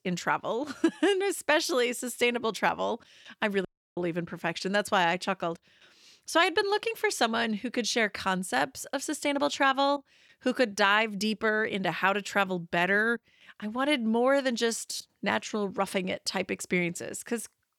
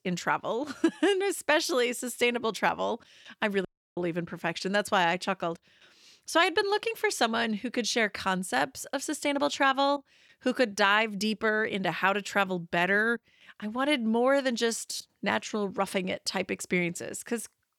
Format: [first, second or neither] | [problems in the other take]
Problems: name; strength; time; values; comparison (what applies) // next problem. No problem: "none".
neither | audio cutting out; at 3.5 s; the same in both